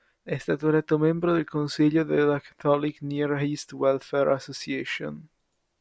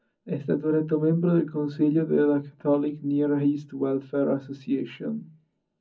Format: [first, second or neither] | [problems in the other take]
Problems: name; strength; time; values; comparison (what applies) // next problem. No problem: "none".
first | room echo; dies away in 0.4 s